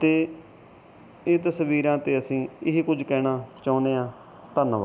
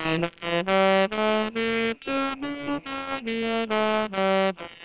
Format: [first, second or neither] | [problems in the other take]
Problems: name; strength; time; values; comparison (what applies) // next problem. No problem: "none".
first | noise reduction (neural separator model SepFormer WHAMR!)